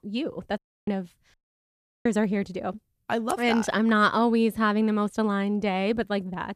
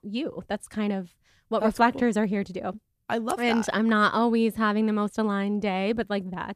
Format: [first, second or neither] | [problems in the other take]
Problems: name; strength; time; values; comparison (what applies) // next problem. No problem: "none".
second | audio cutting out; at 0.5 s and at 1.5 s for 0.5 s